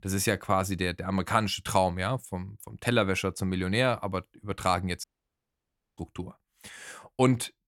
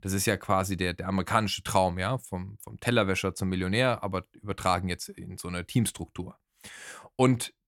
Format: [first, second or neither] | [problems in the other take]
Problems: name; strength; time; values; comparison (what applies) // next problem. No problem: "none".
second | audio cutting out; at 5 s for 1 s